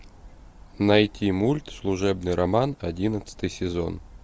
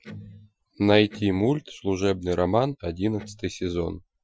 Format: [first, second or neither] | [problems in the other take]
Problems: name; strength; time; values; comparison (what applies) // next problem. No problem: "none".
first | noise reduction (classical method Wiener filter)